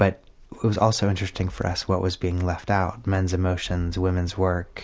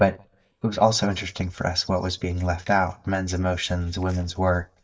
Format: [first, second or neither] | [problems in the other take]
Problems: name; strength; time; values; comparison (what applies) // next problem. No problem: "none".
first | noise reduction (neural mask model DeepFilterNet 3)